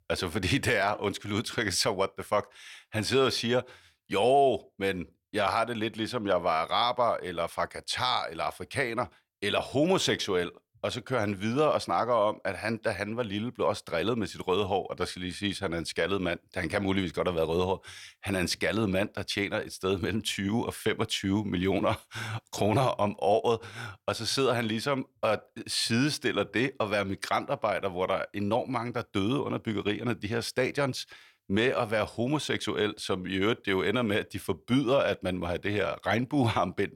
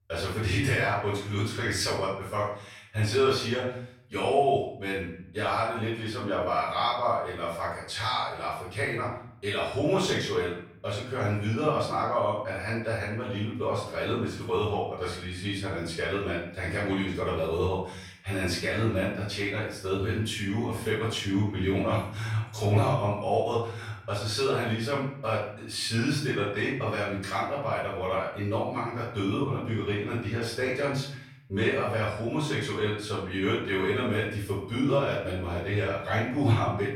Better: first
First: none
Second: off-mic speech; far // room echo; noticeable; dies away in 0.6 s

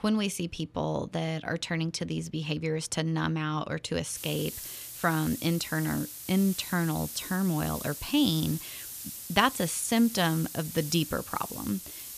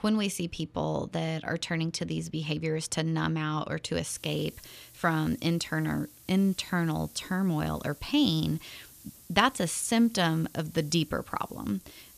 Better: second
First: hiss; loud; from 4 s on; 9 dB below the speech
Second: hiss; faint; from 4 s on; 20 dB below the speech

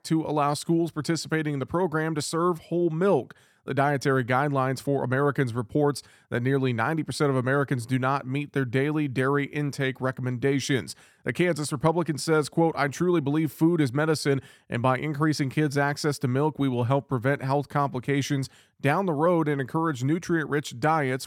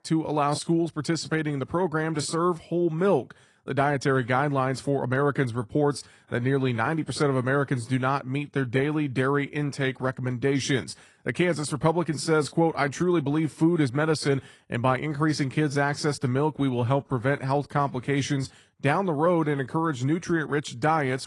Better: first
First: none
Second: garbled, watery; slightly; nothing above 10 kHz

